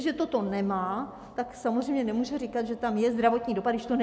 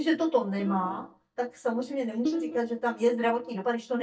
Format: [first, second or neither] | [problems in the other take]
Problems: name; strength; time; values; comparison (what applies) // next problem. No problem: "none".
first | noise reduction (neural mask model DeepFilterNet 3)